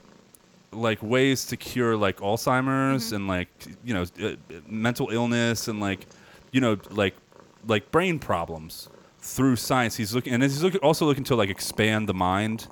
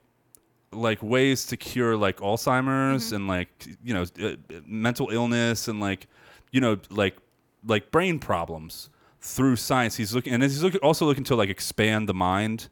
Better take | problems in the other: second | animal sounds; faint; throughout; 30 dB below the speech

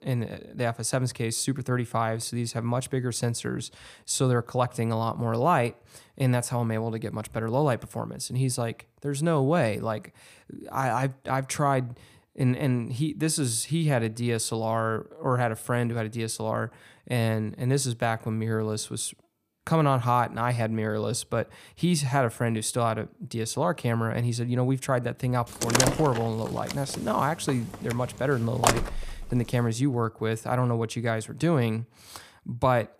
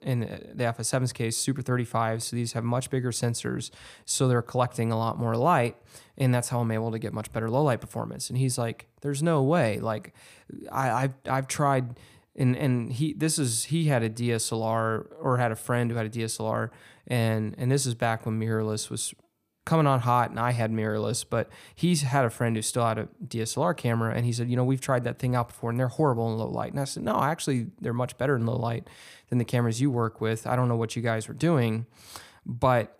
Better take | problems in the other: second | door banging; loud; from 26 to 29 s; peak 4 dB above the speech

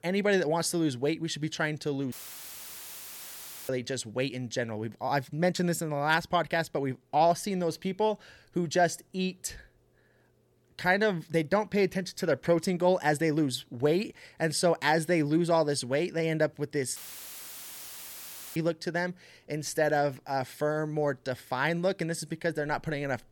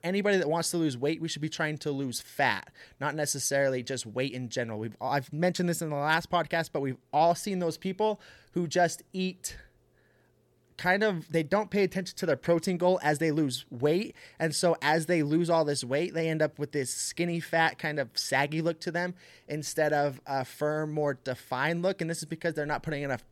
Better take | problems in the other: second | audio cutting out; filled with static; at 2 s for 1.5 s and at 17 s for 1.5 s

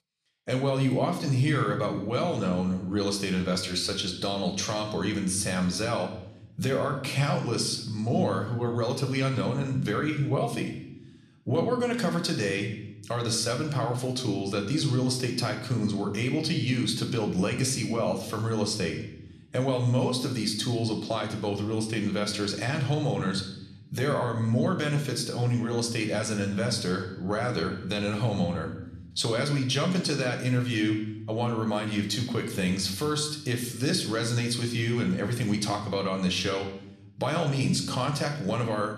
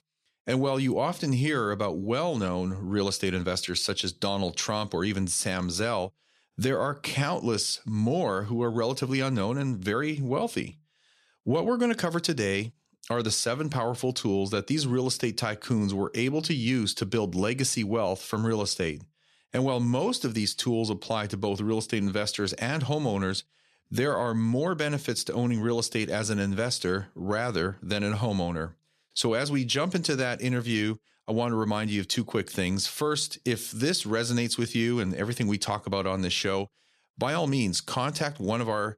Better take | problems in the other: second | room echo; slight; dies away in 0.8 s

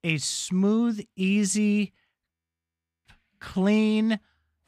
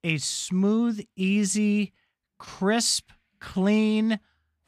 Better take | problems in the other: second | audio freezing; at 2.5 s for 0.5 s

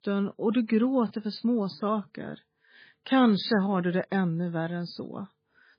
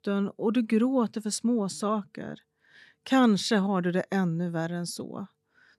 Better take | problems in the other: second | garbled, watery; badly; nothing above 4.5 kHz

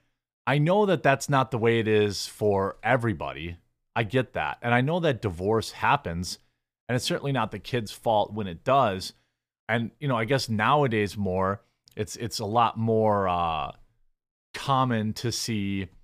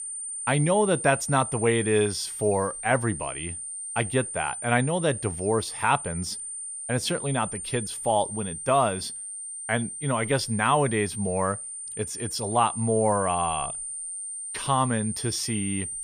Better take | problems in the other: first | high-pitched whine; loud; throughout; 9 kHz, 6 dB below the speech

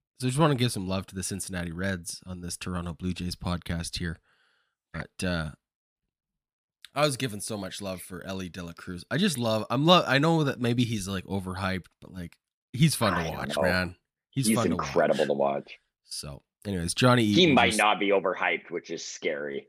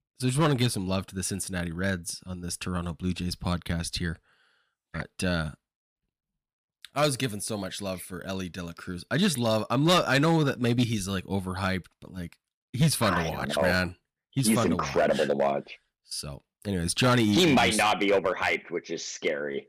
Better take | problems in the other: first | distortion; slight; 3% of the sound clipped

